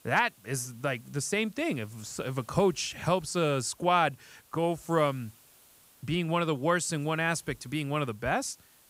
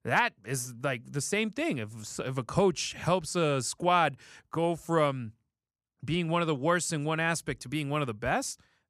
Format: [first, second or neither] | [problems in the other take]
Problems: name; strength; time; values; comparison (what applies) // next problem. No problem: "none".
second | hiss; faint; throughout; 25 dB below the speech